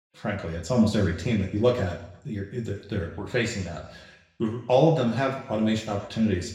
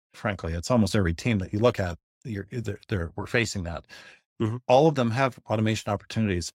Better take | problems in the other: second | room echo; slight; dies away in 0.8 s // off-mic speech; somewhat distant

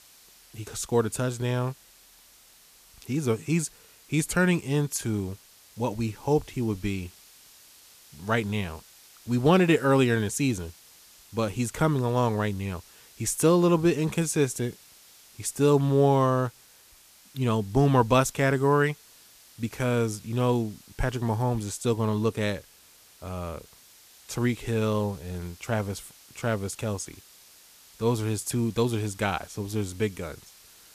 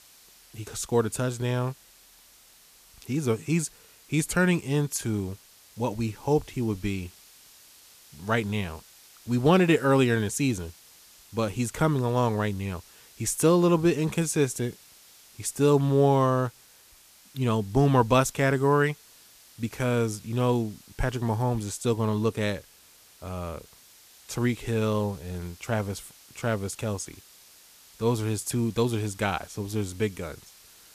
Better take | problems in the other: neither | hiss; faint; throughout; 25 dB below the speech; the same in both

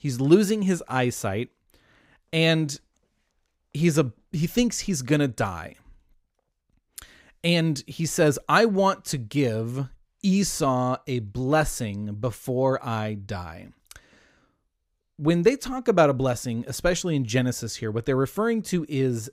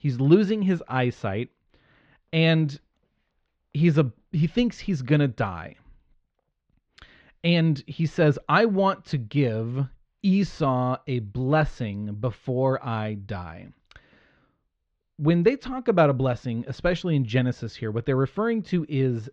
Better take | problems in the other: first | muffled; slightly; fading above 4 kHz

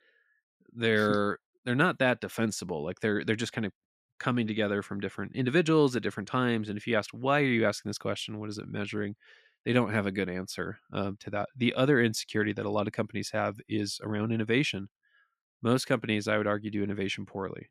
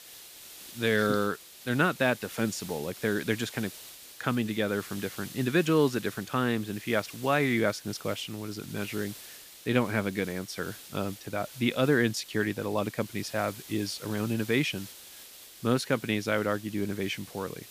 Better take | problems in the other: first | hiss; noticeable; throughout; 15 dB below the speech

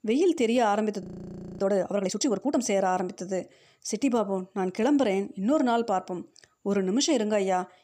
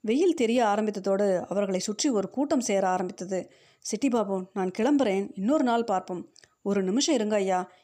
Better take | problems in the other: second | audio freezing; at 1 s for 0.5 s

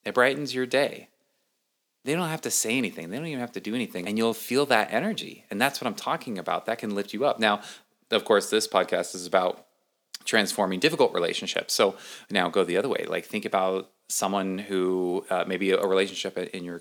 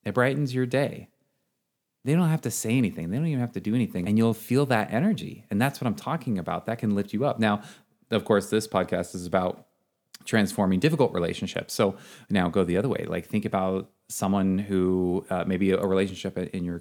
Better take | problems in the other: second | thin; somewhat; fading below 350 Hz

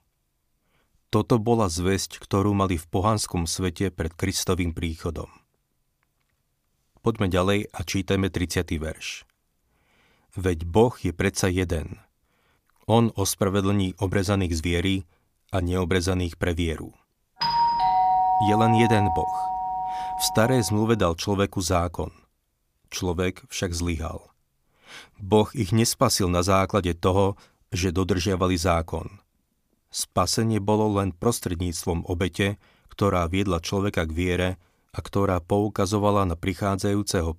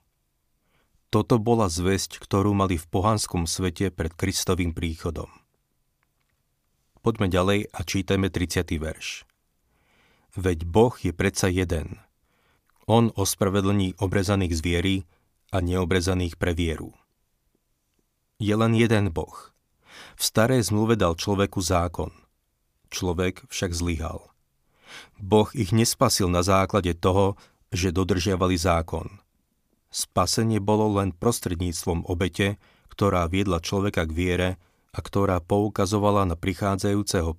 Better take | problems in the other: second | doorbell; loud; from 17 to 21 s; peak 4 dB above the speech

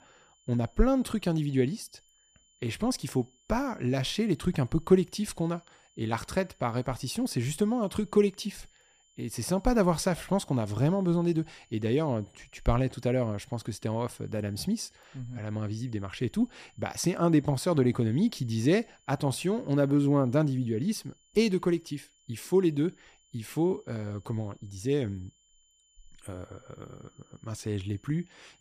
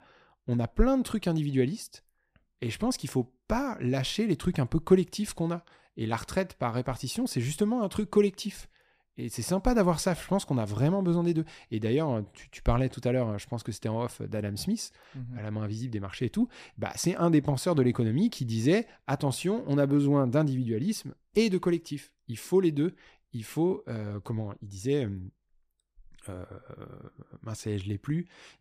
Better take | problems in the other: second | high-pitched whine; faint; throughout; 3 kHz, 35 dB below the speech

